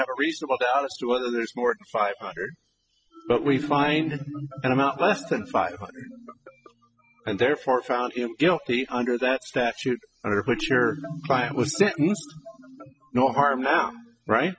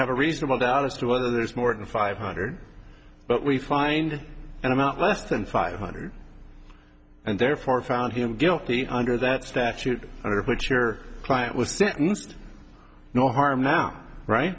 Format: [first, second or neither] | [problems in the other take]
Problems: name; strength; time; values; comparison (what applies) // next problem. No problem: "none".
second | noise reduction (classical method spectral subtraction)